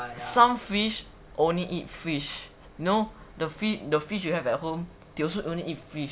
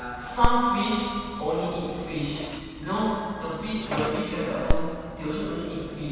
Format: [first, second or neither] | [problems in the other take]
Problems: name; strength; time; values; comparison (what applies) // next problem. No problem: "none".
first | background sound (Telephone); 2 dB below the speech // room echo; dies away in 2.1 s